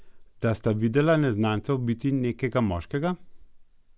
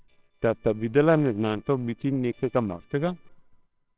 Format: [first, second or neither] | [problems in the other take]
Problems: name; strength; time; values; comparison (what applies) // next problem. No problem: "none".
first | noise reduction (neural separator model SepFormer WHAMR!)